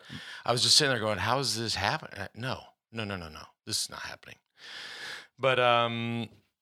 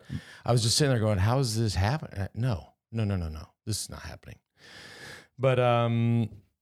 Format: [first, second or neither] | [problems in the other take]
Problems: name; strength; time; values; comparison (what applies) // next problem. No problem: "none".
second | thin; somewhat; fading below 750 Hz